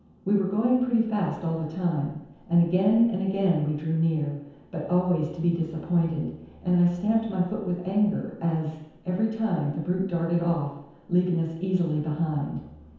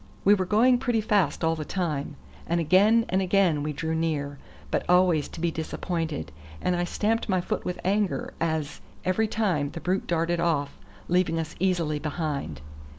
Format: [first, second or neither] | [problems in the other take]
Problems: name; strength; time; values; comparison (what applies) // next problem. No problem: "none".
second | room echo; dies away in 0.9 s